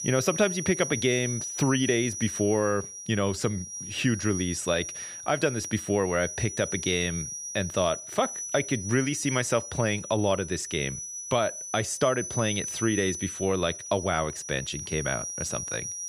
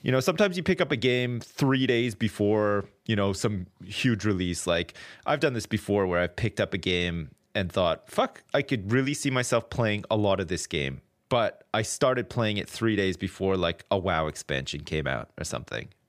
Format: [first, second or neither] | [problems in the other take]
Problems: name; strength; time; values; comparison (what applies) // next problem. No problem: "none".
second | high-pitched whine; loud; throughout; 6 kHz, 6 dB below the speech